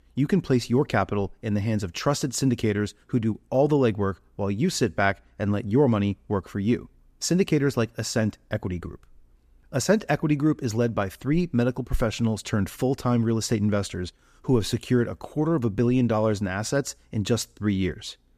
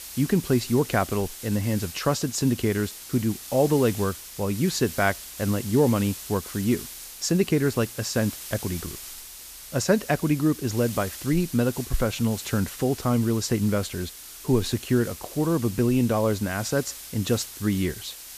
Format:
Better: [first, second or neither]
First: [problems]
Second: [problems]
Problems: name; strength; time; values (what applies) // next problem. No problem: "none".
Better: first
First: none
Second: hiss; noticeable; throughout; 10 dB below the speech